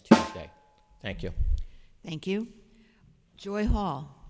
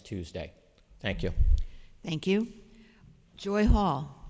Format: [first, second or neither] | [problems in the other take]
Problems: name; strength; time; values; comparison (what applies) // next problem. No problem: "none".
second | background sound (Snare drum); 4 dB above the speech